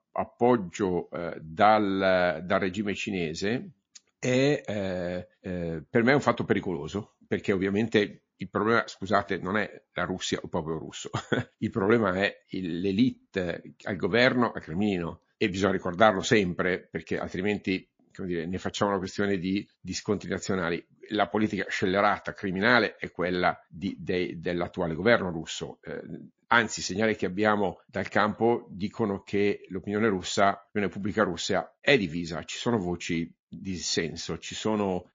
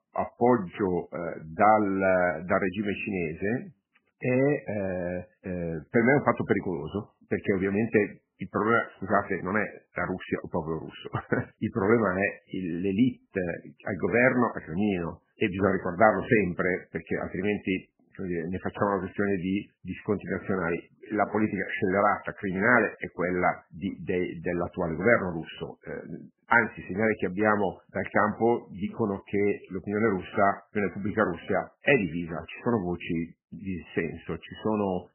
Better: first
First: garbled, watery; slightly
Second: garbled, watery; badly; nothing above 3 kHz

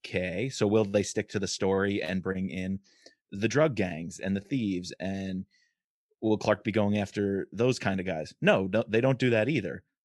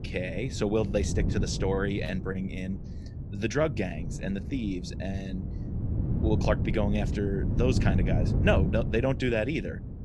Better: first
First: none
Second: wind noise on the microphone; occasional gusts; 10 dB below the speech

